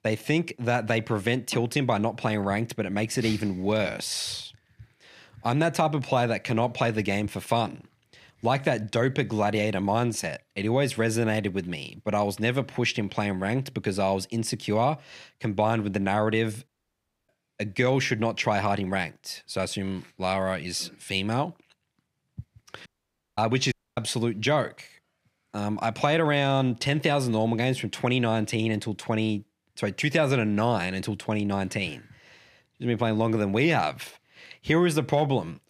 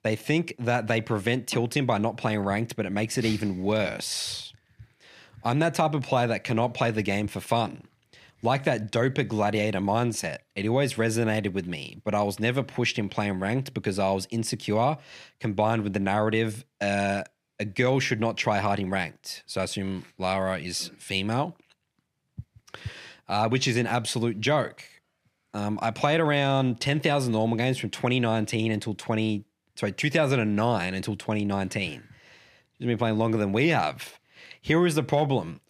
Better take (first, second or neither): second